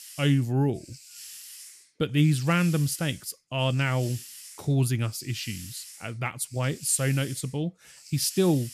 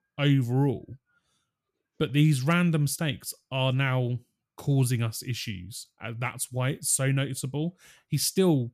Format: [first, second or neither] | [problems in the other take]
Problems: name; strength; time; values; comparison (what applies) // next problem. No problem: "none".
second | hiss; noticeable; throughout; 15 dB below the speech